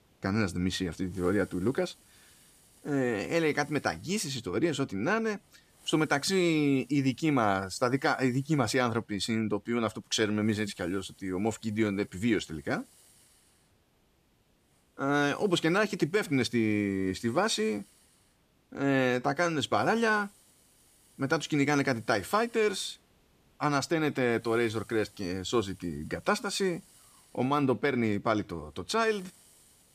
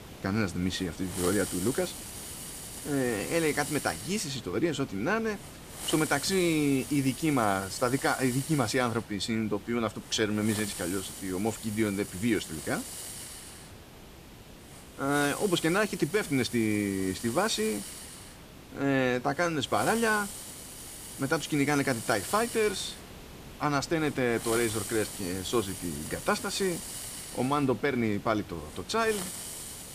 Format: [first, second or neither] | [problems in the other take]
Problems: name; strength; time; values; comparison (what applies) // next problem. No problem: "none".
first | hiss; loud; throughout; 10 dB below the speech; faint in the first